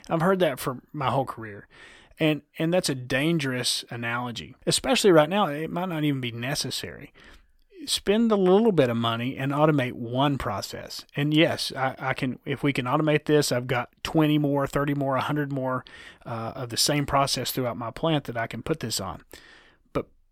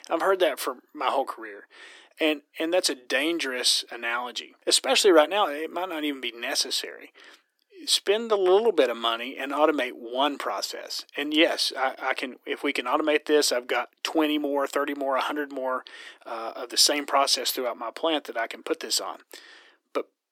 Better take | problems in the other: first | thin; somewhat; fading below 300 Hz

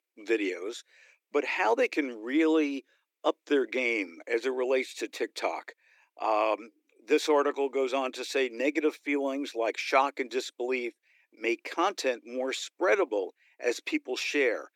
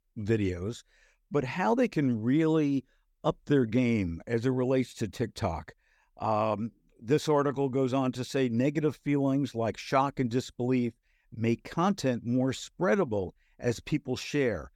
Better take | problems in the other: second | thin; somewhat; fading below 300 Hz

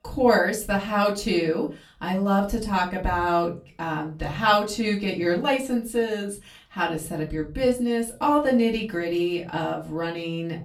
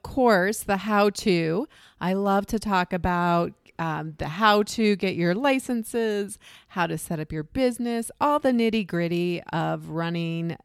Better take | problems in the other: second | off-mic speech; far // room echo; very slight; dies away in 0.3 s

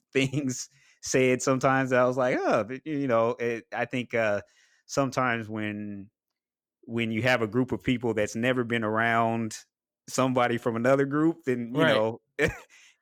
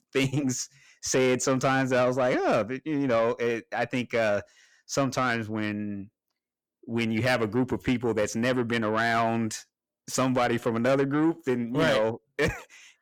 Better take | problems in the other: first | distortion; slight; 10 dB below the speech

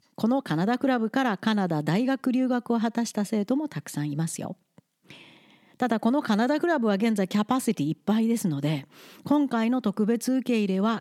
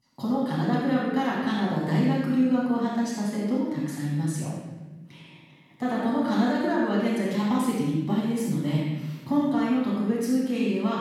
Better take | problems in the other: first | room echo; strong; dies away in 1.2 s // off-mic speech; far

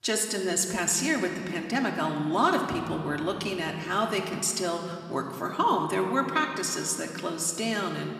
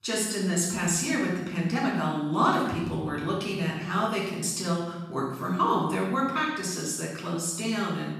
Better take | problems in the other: first | room echo; strong; dies away in 1.2 s; slight in the first // off-mic speech; far; somewhat distant in the first

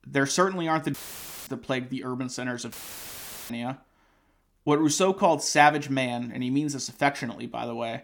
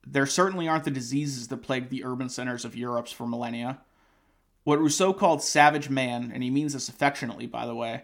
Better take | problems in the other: second | audio cutting out; filled with static; at 1 s for 0.5 s and at 2.5 s for 1 s

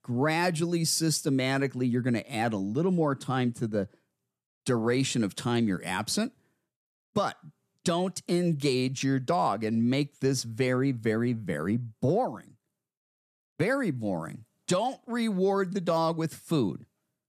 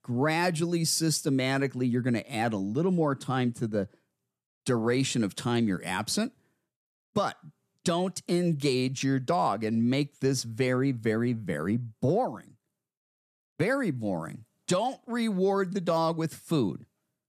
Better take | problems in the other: neither | none

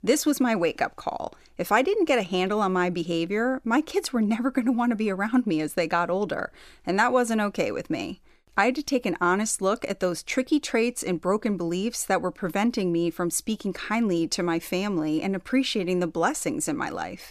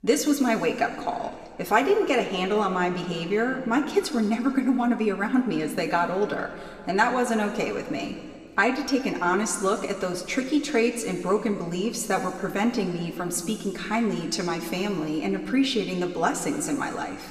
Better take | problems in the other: first | room echo; slight; dies away in 2 s

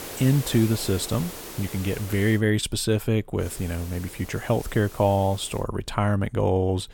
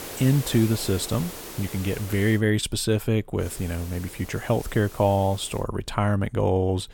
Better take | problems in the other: neither | hiss; noticeable; until 2.5 s and from 3.5 to 5.5 s; 15 dB below the speech; the same in both

